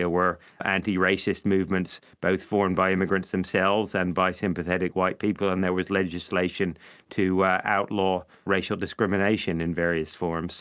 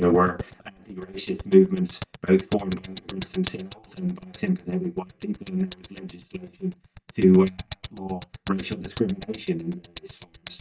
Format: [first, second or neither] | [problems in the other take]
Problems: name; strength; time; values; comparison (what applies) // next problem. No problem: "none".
first | noise reduction (neural mask model DeepFilterNet 3)